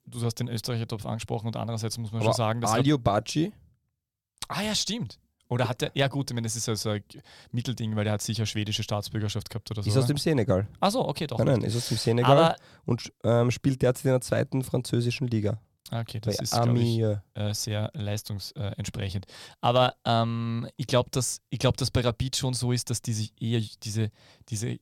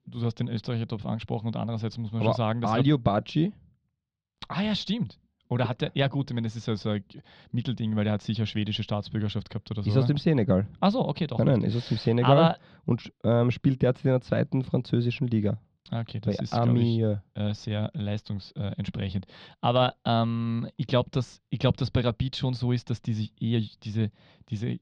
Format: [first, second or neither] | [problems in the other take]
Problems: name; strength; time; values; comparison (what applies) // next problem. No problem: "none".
first | muffled; slightly; fading above 4 kHz